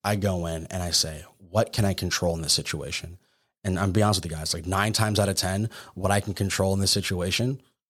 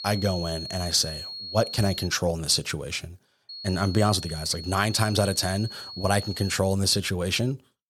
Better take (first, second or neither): first